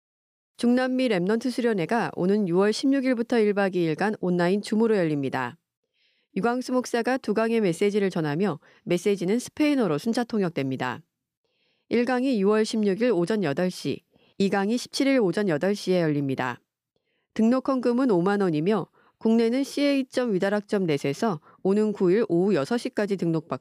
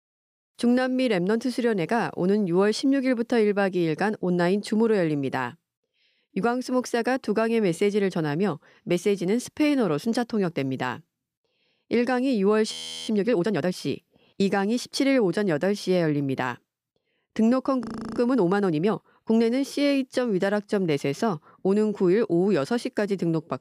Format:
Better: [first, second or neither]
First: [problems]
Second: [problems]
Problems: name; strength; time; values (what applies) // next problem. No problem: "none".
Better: first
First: none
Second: audio freezing; at 13 s and at 18 s